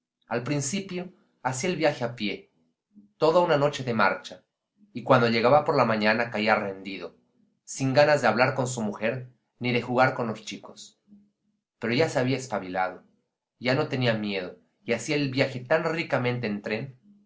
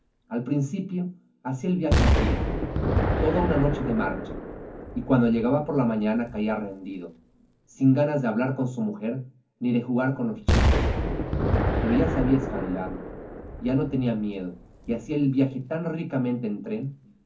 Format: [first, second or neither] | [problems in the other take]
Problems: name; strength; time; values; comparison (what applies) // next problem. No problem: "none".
first | background sound (Explosion); 2 dB below the speech // room echo; dies away in 0.3 s